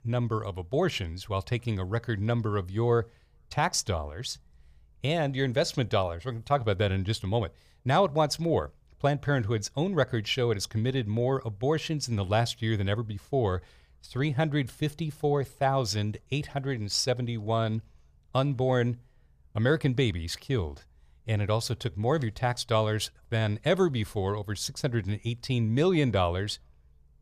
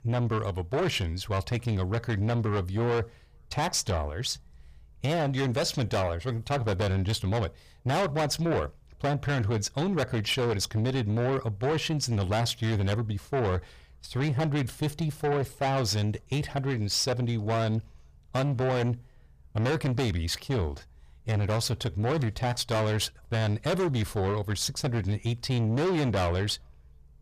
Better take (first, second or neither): first